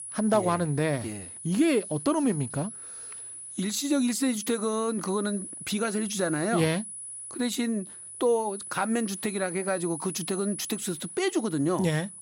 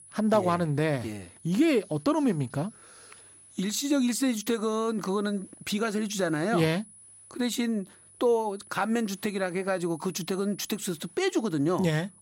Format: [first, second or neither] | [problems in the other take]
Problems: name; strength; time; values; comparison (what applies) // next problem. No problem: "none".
second | high-pitched whine; loud; throughout; 10 kHz, 9 dB below the speech; faint in the second